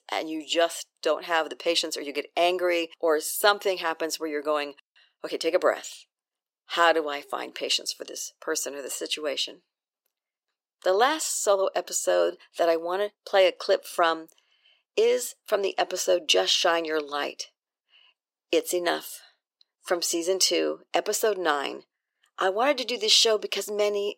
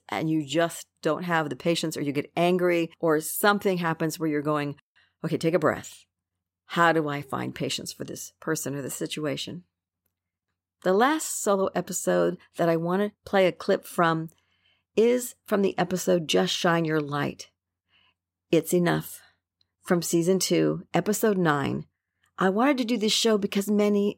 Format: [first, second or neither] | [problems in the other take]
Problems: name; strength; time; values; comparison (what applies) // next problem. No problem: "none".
second | thin; very; fading below 350 Hz